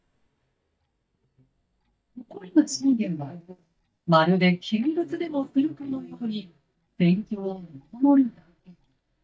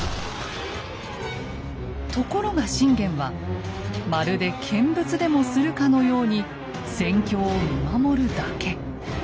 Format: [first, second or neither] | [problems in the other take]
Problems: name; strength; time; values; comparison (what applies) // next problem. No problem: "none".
second | noise reduction (neural mask model DeepFilterNet 3)